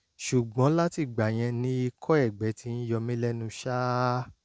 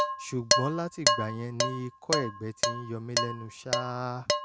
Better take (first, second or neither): first